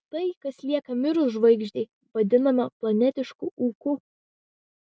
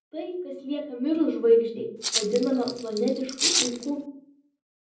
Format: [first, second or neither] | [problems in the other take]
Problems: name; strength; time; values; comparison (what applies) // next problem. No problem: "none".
first | background sound (Rattle (instrument)); 2 dB below the speech // room echo; dies away in 0.6 s